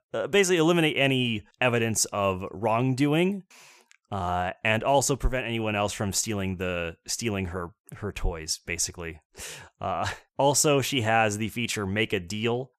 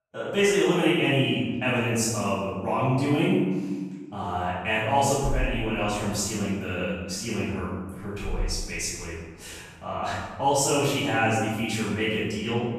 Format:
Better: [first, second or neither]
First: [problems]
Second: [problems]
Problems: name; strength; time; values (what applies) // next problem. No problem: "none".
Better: first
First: none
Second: room echo; strong; dies away in 1.2 s // off-mic speech; far